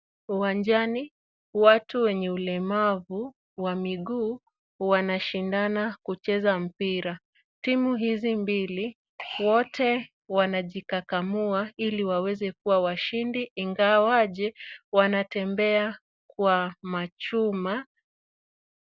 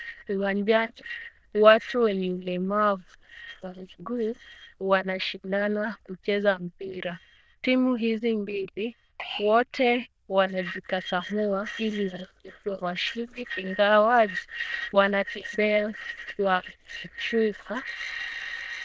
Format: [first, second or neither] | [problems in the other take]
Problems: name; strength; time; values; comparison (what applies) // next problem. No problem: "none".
first | noise reduction (neural diffusion model UNIVERSE++)